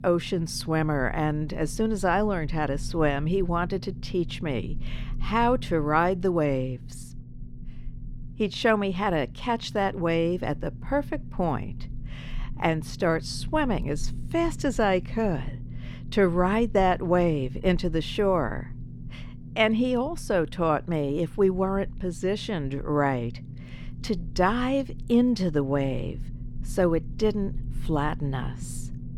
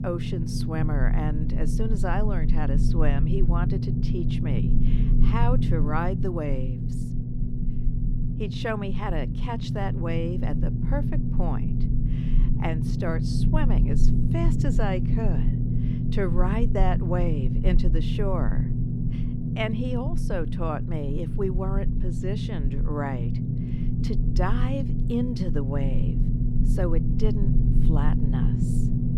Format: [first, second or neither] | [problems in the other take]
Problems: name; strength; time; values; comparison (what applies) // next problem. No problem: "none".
first | low rumble; loud; throughout; 4 dB below the speech; faint in the first